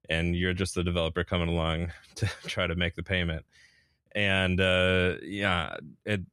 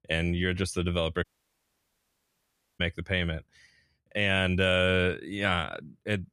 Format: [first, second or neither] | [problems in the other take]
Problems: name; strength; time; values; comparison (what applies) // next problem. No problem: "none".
first | audio cutting out; at 1 s for 1.5 s